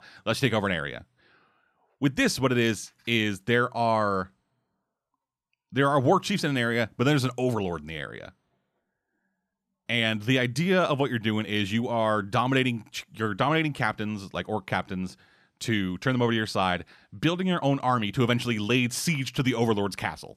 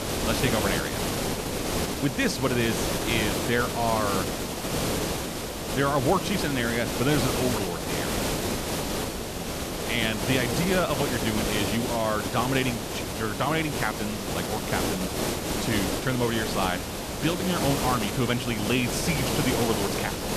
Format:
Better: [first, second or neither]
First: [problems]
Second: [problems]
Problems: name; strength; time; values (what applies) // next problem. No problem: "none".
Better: first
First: none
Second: hiss; loud; throughout; 1 dB below the speech